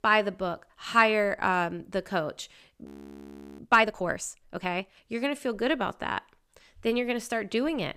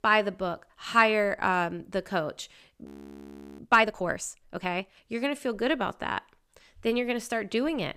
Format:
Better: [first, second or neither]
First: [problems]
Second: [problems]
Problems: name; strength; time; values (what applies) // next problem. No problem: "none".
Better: neither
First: audio freezing; at 3 s for 0.5 s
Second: audio freezing; at 3 s for 0.5 s